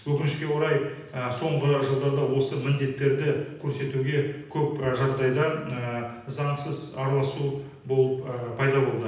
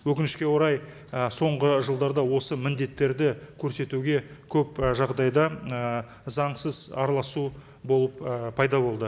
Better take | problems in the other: second | room echo; dies away in 0.9 s

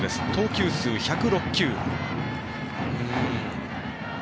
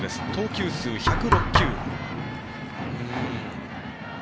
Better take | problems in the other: first | background sound (Knock); 2 dB above the speech

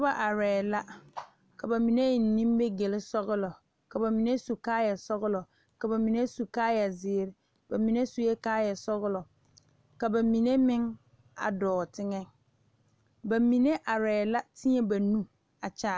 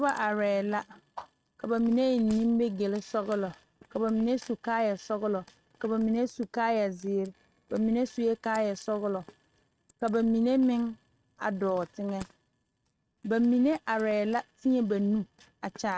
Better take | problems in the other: first | noise reduction (neural mask model RNNoise)

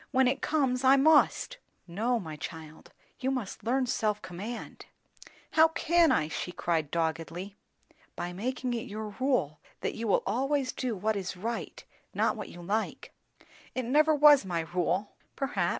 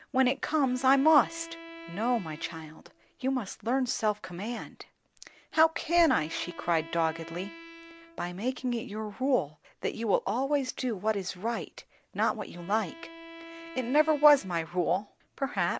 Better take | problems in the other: first | background sound (Bowed string instrument); 19 dB below the speech

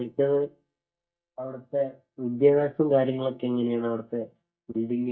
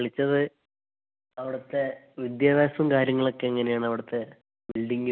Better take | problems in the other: second | noise reduction (neural mask model DeepFilterNet 3)

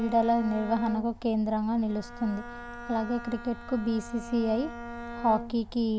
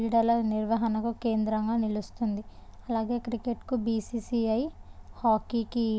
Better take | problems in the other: second | background sound (Bowed string instrument); 13 dB below the speech

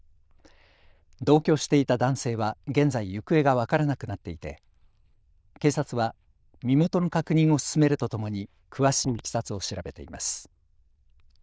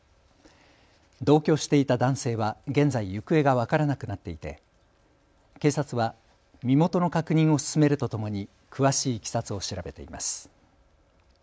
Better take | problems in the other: second | noise reduction (neural diffusion model UNIVERSE++)

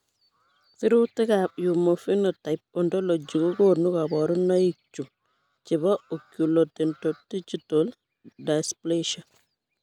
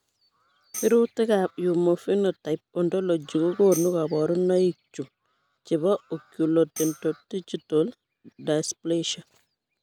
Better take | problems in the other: first | background sound (Tambourine); 17 dB below the speech

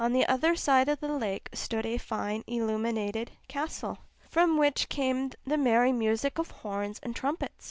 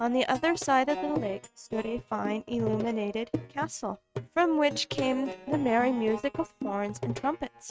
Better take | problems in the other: first | noise reduction (neural mask model RNNoise)

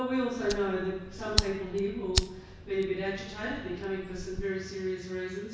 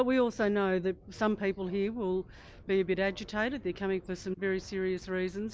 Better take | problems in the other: second | background sound (Fire); 5 dB below the speech // room echo; dies away in 1.1 s

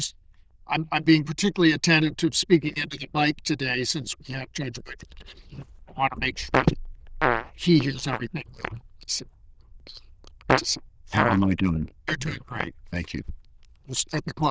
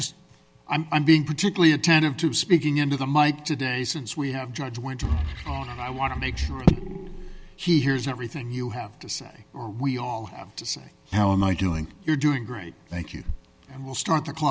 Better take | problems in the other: second | noise reduction (neural diffusion model UNIVERSE++)

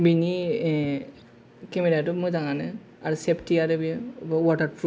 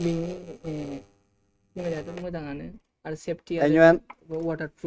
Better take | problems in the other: first | noise reduction (neural mask model RNNoise)

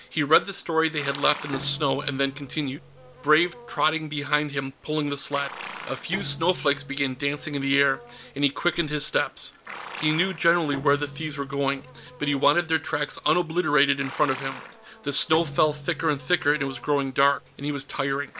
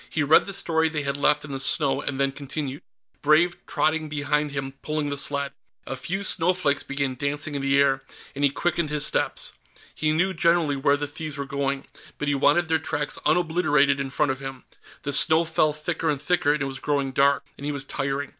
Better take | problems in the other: second | background sound (Livestock, farm animals, working animals + Bowed string instrument); 16 dB below the speech

